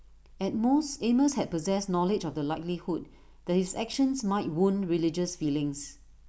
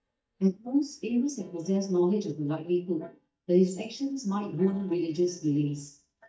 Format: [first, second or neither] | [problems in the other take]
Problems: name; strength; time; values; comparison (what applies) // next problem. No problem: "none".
first | noise reduction (neural mask model DeepFilterNet 3)